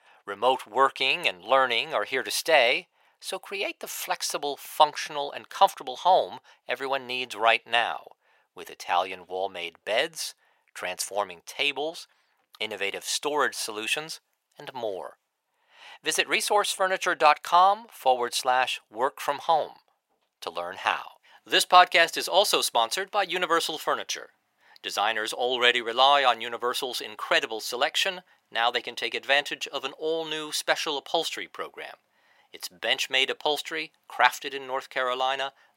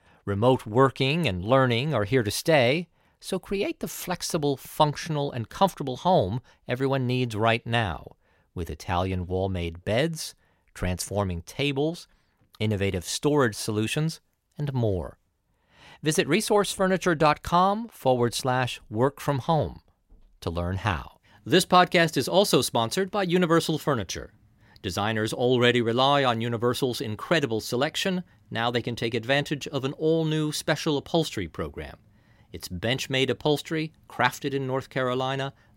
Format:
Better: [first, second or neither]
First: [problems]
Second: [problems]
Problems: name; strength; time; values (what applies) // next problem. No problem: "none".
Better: second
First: thin; very; fading below 750 Hz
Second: none